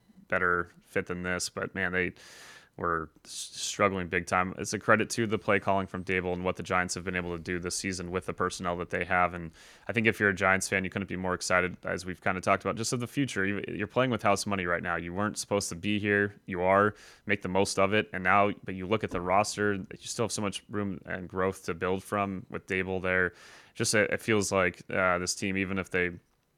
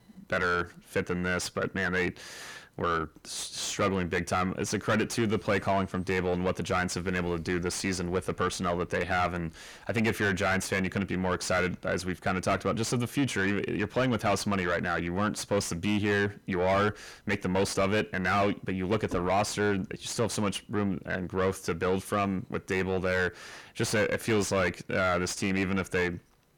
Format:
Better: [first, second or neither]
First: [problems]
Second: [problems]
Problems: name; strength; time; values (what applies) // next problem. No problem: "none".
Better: first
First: none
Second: distortion; heavy; 6 dB below the speech